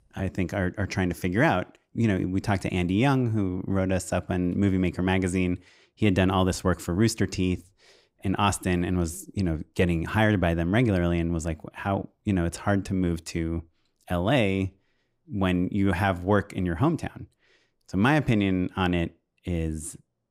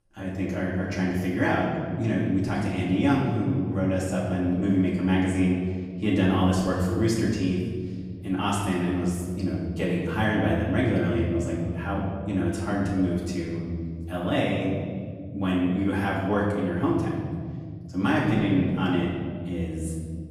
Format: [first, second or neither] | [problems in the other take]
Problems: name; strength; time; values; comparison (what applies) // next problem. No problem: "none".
first | off-mic speech; far // room echo; noticeable; dies away in 2.2 s